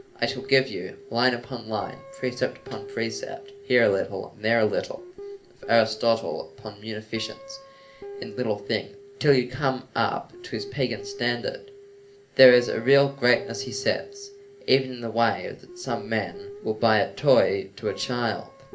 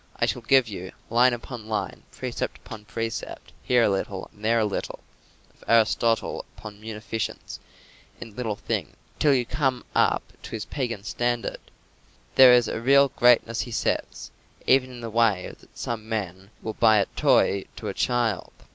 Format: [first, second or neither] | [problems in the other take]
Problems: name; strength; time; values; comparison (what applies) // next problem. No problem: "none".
second | background sound (Guitar); 17 dB below the speech // room echo; dies away in 0.3 s